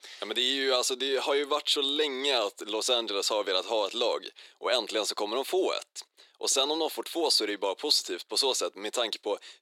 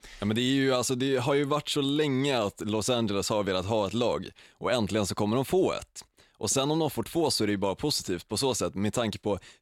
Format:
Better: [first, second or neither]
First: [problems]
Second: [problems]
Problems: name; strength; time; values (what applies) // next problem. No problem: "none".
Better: second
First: thin; somewhat; fading below 350 Hz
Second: none